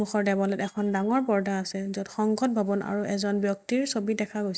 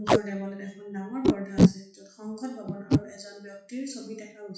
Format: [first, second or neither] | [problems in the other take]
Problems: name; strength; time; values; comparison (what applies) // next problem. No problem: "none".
first | noise reduction (classical method WPE with log-MMSE)